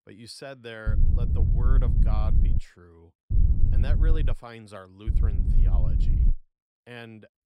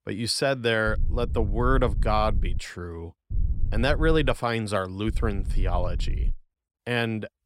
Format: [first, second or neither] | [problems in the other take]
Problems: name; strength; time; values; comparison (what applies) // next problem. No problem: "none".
second | low rumble; loud; from 1 to 2.5 s, from 3.5 to 4.5 s and from 5 to 6.5 s; 2 dB below the speech; faint in the second